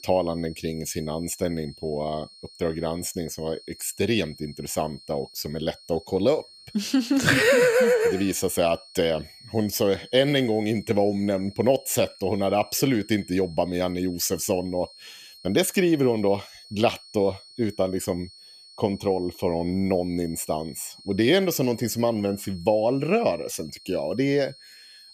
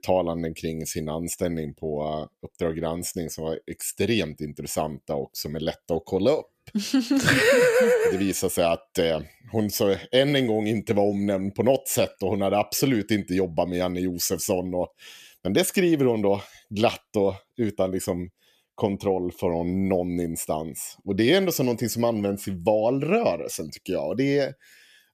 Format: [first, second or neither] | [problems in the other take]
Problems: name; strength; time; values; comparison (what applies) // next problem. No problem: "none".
second | high-pitched whine; faint; throughout; 4.5 kHz, 20 dB below the speech